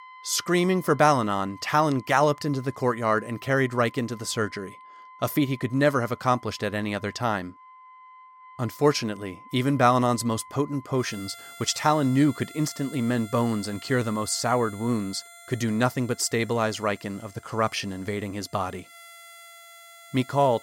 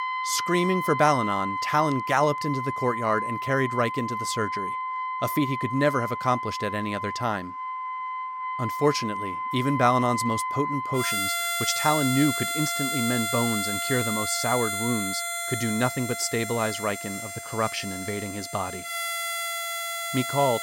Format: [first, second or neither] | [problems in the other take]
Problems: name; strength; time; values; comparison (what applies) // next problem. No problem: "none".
first | background music; loud; throughout; 2 dB below the speech; faint in the first